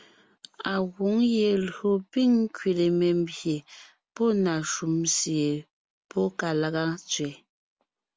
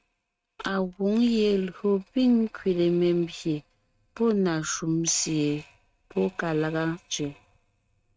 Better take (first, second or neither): first